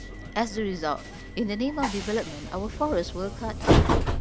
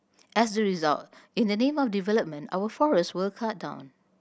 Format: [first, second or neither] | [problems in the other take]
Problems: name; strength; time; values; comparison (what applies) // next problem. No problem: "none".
second | background sound (Train); 3 dB above the speech